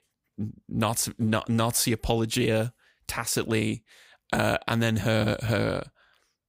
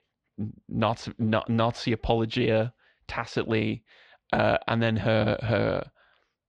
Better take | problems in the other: first | muffled; slightly; fading above 4 kHz

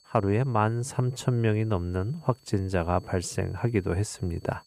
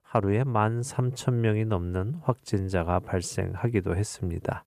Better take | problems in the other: second | high-pitched whine; faint; throughout; 4.5 kHz, 30 dB below the speech

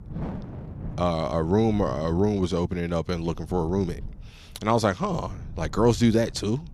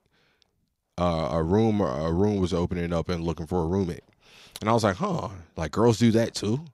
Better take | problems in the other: second | wind noise on the microphone; occasional gusts; 20 dB below the speech

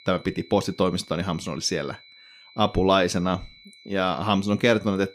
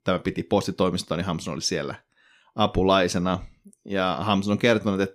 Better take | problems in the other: second | high-pitched whine; faint; throughout; 4 kHz, 25 dB below the speech

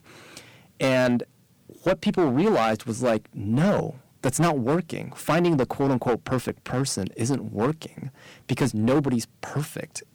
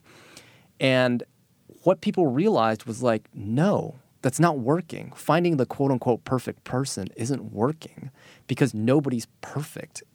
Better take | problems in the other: second | distortion; heavy; 8% of the sound clipped

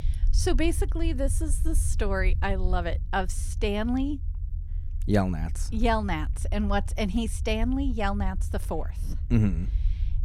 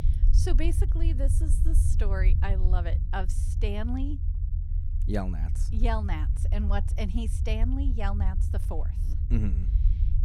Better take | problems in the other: first | low rumble; loud; throughout; 9 dB below the speech; faint in the first

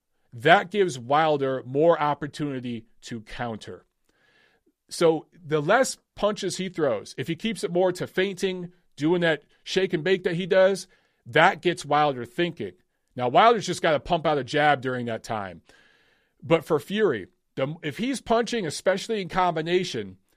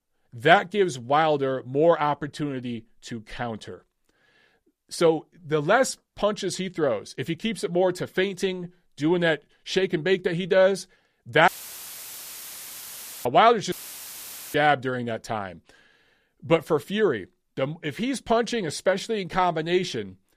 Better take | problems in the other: first | audio cutting out; filled with static; at 11 s for 2 s and at 14 s for 1 s

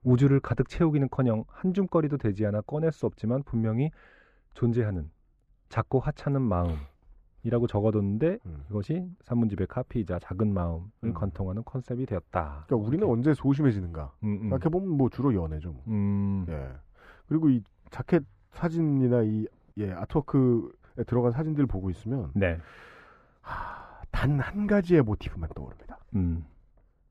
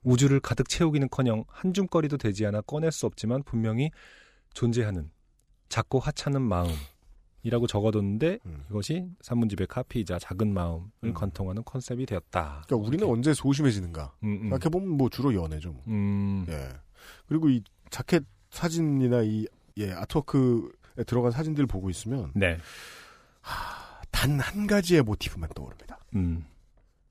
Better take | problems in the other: second | muffled; very; fading above 3 kHz

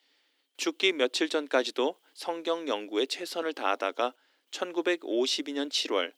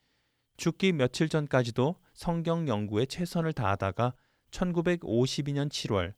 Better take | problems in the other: second | thin; somewhat; fading below 300 Hz

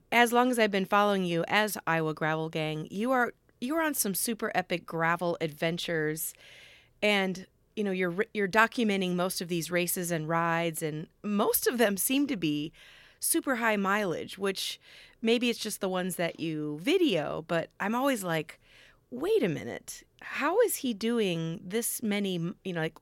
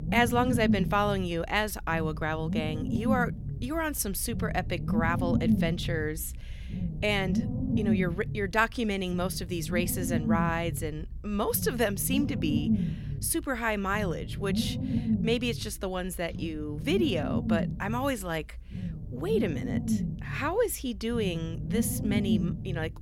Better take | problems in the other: first | low rumble; loud; throughout; 8 dB below the speech

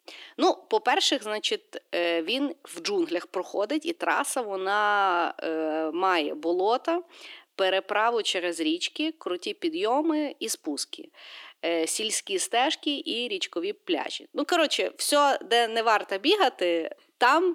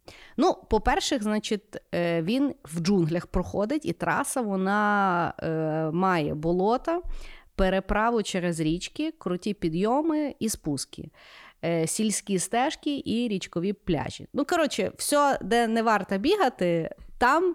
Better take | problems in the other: second | thin; somewhat; fading below 300 Hz

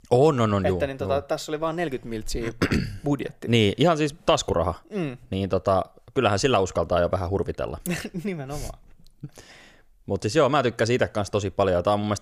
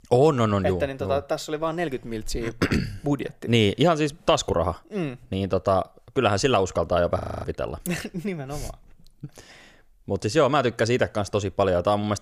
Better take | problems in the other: first | audio freezing; at 7 s

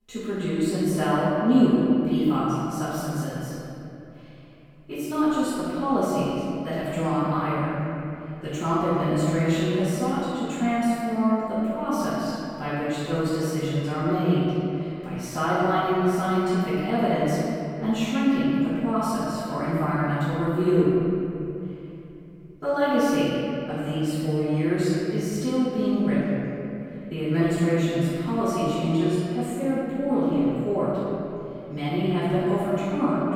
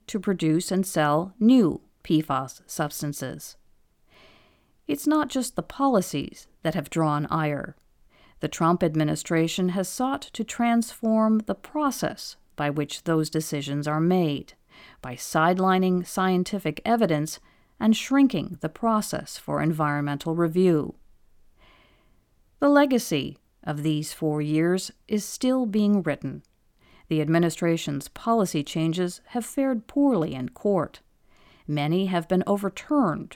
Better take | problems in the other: second | off-mic speech; far // room echo; strong; dies away in 2.9 s

